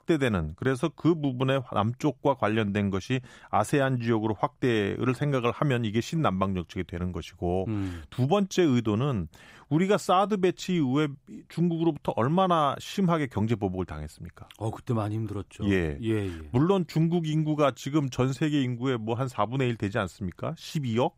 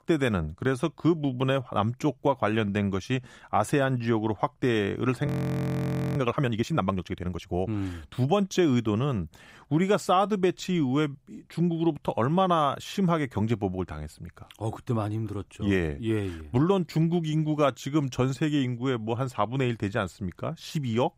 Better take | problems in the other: first | audio freezing; at 5.5 s for 1 s

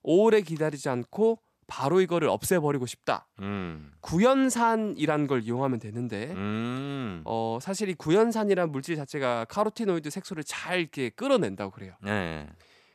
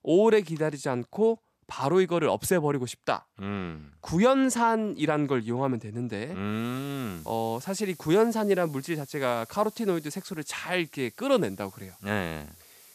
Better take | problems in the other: first | hiss; faint; from 6.5 s on; 20 dB below the speech

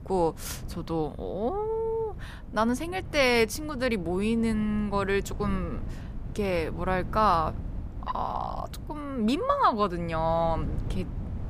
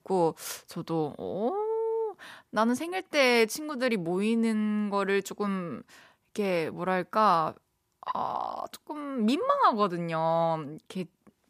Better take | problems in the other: second | wind noise on the microphone; occasional gusts; 20 dB below the speech

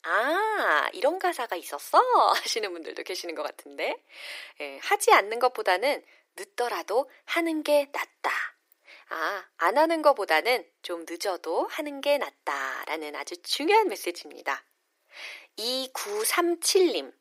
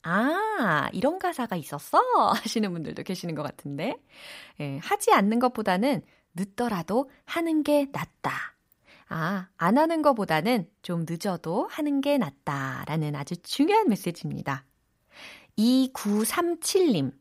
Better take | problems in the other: second | thin; very; fading below 350 Hz

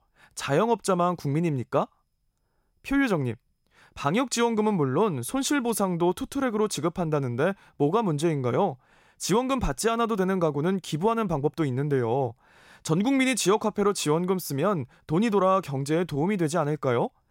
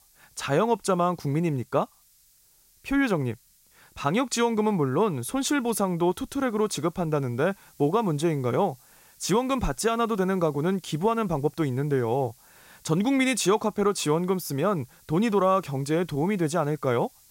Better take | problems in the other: first | hiss; faint; throughout; 30 dB below the speech

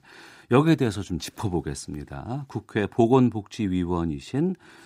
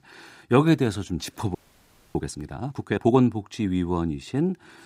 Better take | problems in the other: first | audio freezing; at 1.5 s for 0.5 s

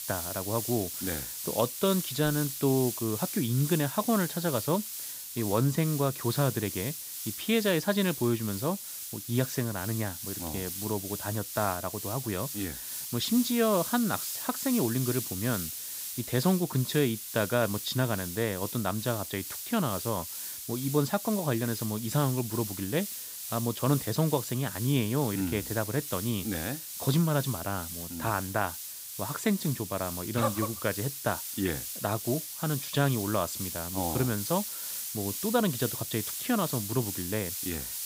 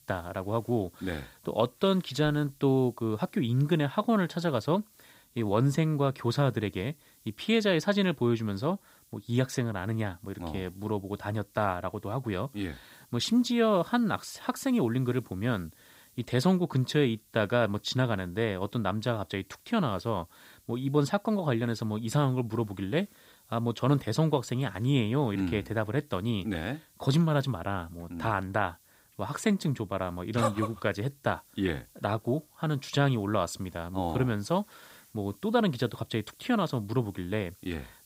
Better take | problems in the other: second | hiss; loud; throughout; 5 dB below the speech; faint in the second

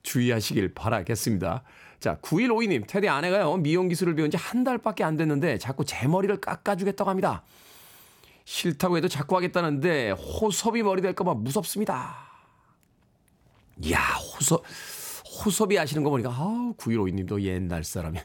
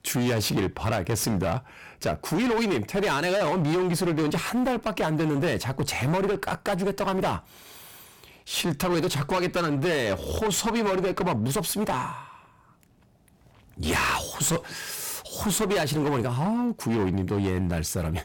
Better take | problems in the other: first | distortion; heavy; 22% of the sound clipped

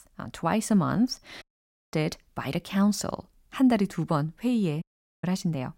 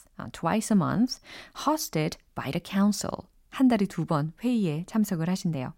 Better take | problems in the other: second | audio cutting out; at 1.5 s for 0.5 s and at 5 s

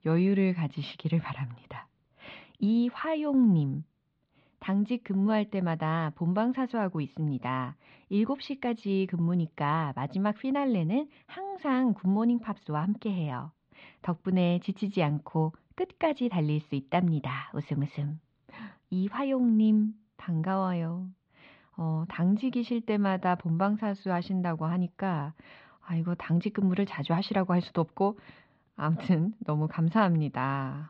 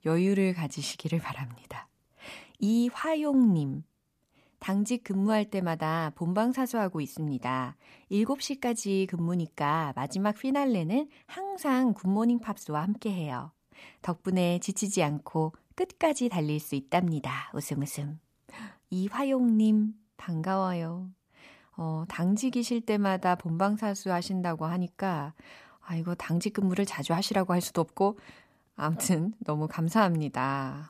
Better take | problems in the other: second | muffled; slightly; fading above 4 kHz

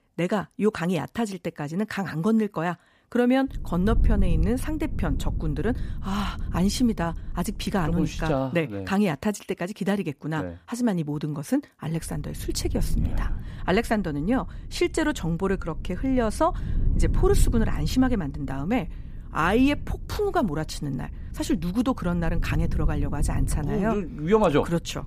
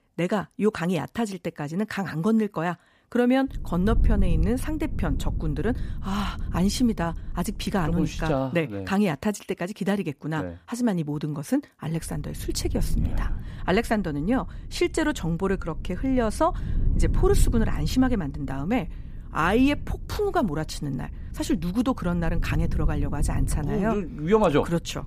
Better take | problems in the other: neither | low rumble; noticeable; from 3.5 to 8.5 s and from 12 s on; 20 dB below the speech; the same in both

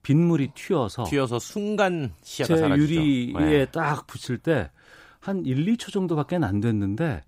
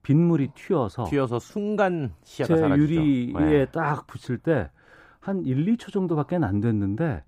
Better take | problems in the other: first | muffled; slightly; fading above 2.5 kHz

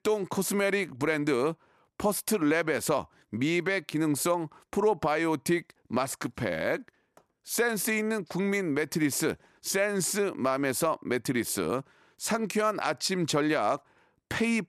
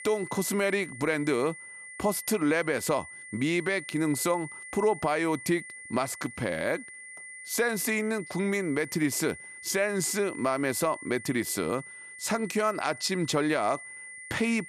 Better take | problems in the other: first | high-pitched whine; noticeable; throughout; 2 kHz, 15 dB below the speech

